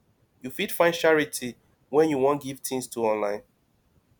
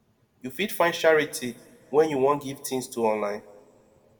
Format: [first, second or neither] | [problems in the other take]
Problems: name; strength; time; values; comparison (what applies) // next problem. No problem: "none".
first | room echo; dies away in 1.1 s